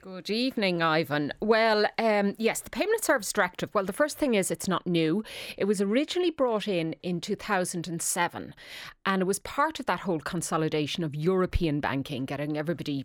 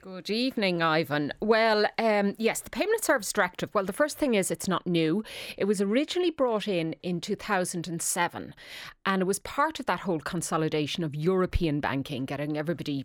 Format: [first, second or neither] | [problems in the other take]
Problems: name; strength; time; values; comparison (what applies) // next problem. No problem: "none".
neither | none